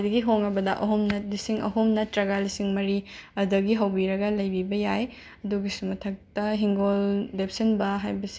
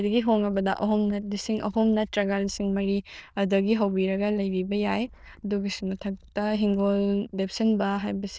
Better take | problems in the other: first | noise reduction (neural diffusion model UNIVERSE++)

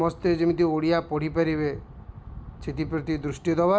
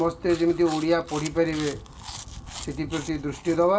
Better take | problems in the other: first | background sound (Chewing, mastication); 17 dB below the speech // room echo; dies away in 0.2 s

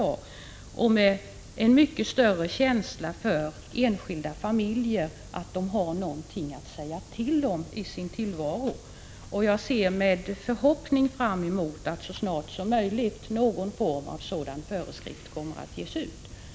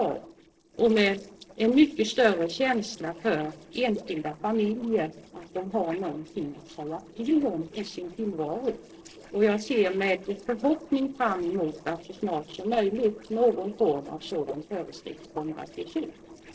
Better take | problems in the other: first | noise reduction (neural separator model SepFormer DNS4)

